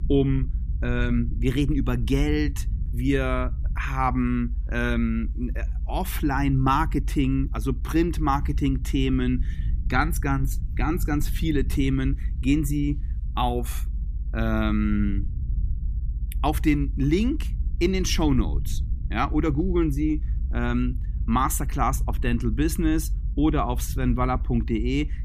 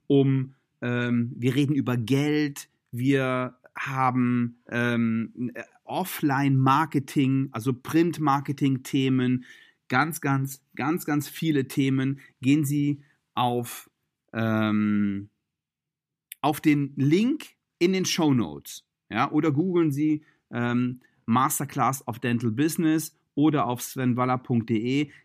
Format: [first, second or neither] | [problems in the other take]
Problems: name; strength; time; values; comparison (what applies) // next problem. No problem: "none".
second | low rumble; faint; throughout; 20 dB below the speech